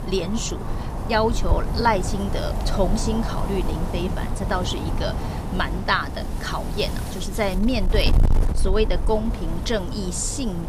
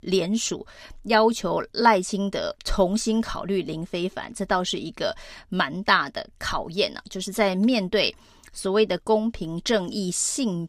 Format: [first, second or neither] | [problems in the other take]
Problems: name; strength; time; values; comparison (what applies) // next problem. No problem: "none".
second | wind noise on the microphone; heavy; 8 dB below the speech